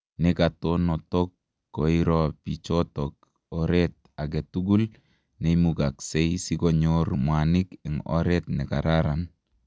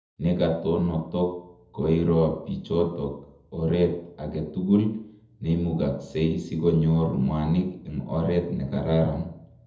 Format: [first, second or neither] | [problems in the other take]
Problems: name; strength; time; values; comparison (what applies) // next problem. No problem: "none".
first | room echo; dies away in 0.7 s